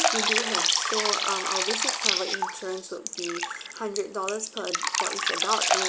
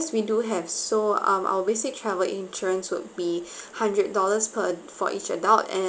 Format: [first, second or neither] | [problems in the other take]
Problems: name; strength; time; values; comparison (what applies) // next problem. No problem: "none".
second | background sound (Drip); 5 dB above the speech